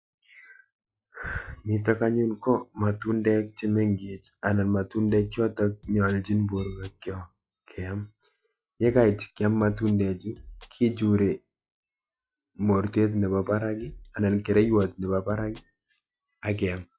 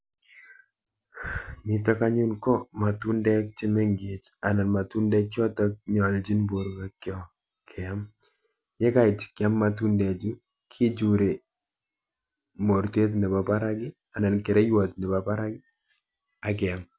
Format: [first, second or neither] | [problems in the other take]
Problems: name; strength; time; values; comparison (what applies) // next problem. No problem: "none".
second | noise reduction (classical method log-MMSE)